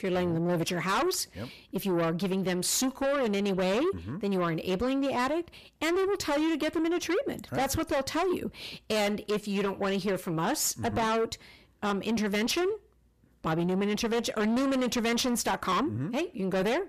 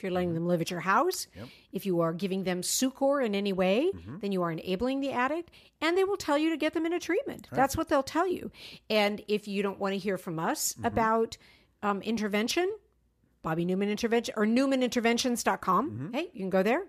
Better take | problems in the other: second | distortion; heavy; 7 dB below the speech

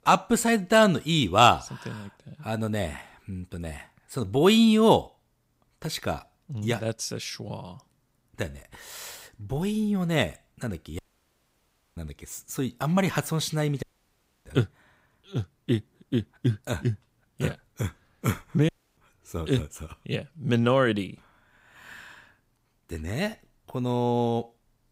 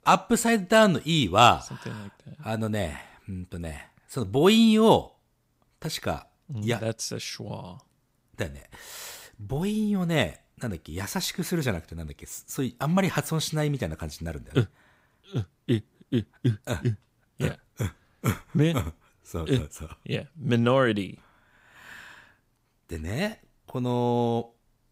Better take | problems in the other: second | audio cutting out; at 11 s for 1 s, at 14 s for 0.5 s and at 19 s

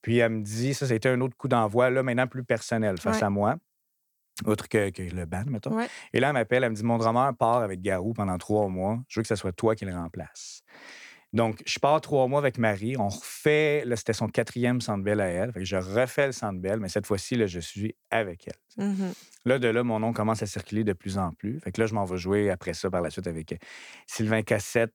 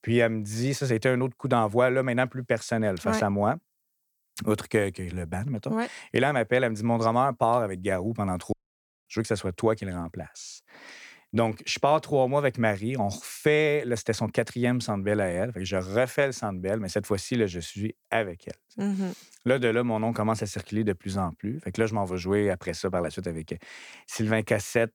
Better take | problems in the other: first | audio cutting out; at 8.5 s for 0.5 s

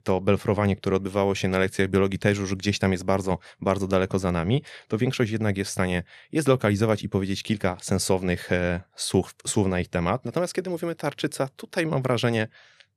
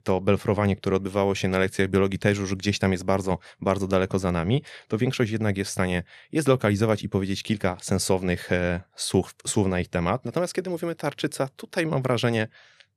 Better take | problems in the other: neither | none

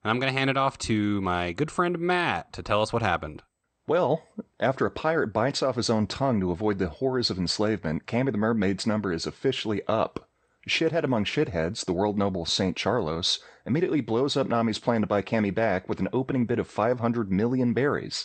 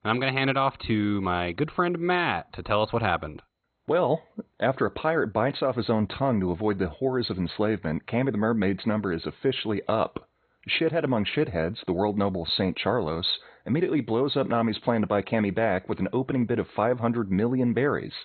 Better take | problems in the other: first | garbled, watery; badly; nothing above 4 kHz; slightly in the first

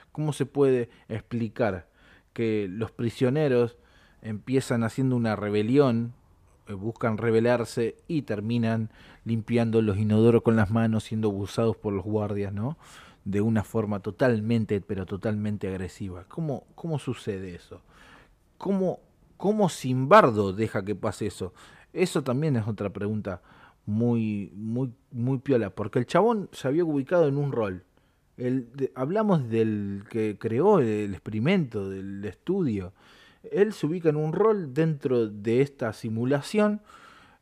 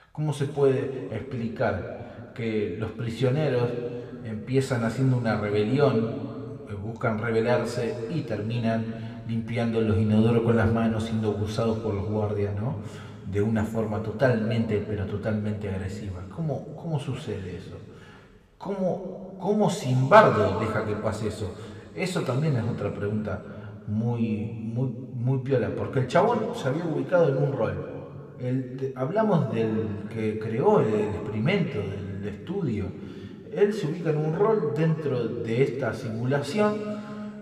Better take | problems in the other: first | room echo; slight; dies away in 2.2 s

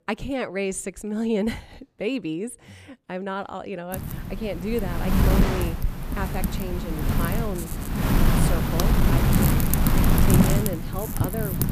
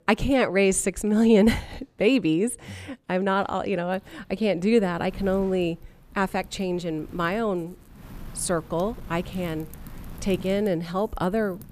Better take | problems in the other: second | wind noise on the microphone; heavy; from 4 s on; 3 dB above the speech; occasional gusts in the second

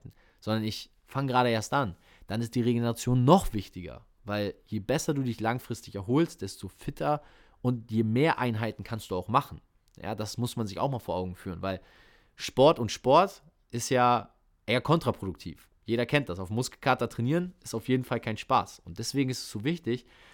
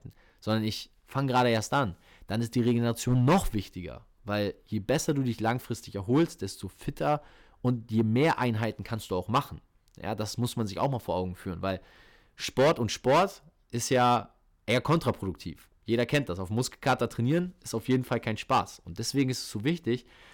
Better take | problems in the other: first | distortion; slight; 2% of the sound clipped

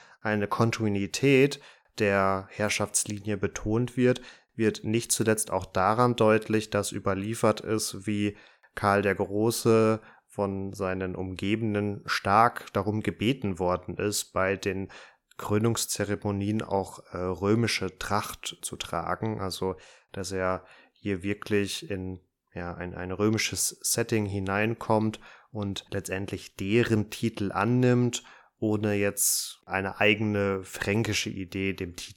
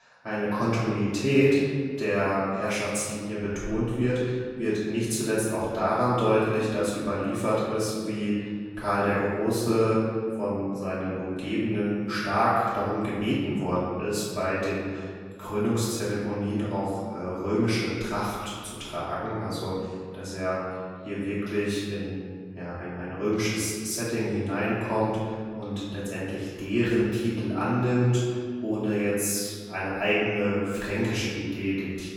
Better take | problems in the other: first | off-mic speech; far // room echo; strong; dies away in 1.7 s

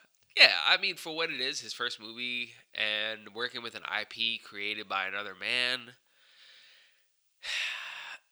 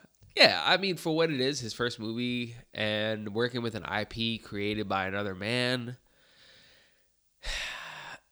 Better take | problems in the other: second | thin; somewhat; fading below 1 kHz

